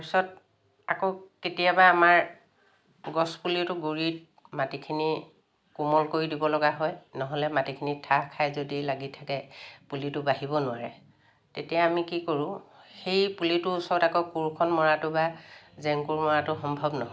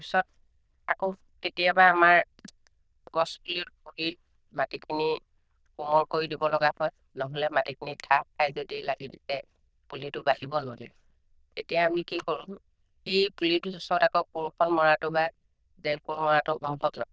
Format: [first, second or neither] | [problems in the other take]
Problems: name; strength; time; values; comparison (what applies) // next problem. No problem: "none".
first | noise reduction (neural diffusion model UNIVERSE++)